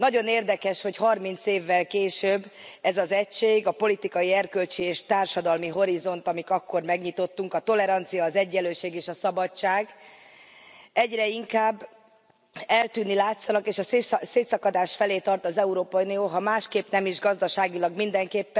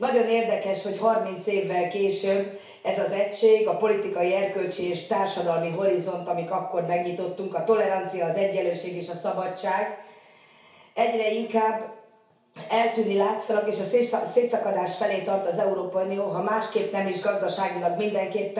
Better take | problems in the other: first | room echo; dies away in 0.6 s

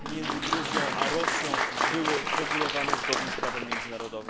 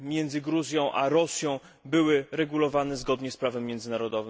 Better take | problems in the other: second | background sound (Applause); 5 dB above the speech

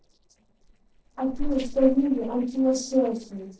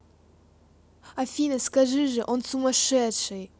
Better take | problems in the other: second | noise reduction (neural separator model SepFormer DNS4)

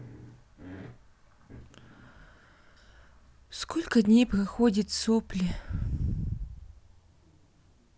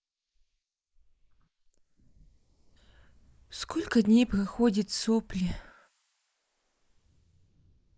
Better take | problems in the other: first | noise reduction (neural mask model Resemble Enhance denoiser)

